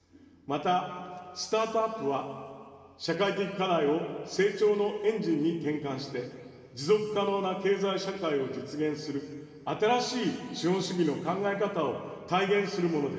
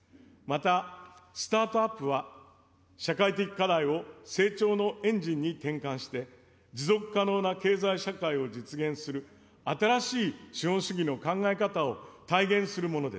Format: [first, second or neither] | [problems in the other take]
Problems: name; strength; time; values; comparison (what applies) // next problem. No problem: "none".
second | room echo; dies away in 2.6 s